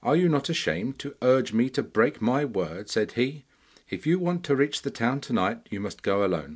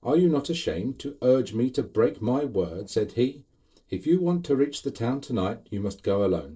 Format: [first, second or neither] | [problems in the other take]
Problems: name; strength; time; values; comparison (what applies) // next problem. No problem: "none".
first | noise reduction (neural separator model SepFormer DNS4)